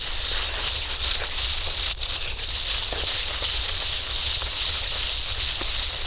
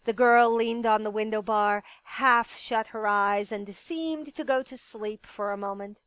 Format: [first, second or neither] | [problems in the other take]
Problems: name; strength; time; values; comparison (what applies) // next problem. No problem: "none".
second | noise reduction (neural diffusion model UNIVERSE++)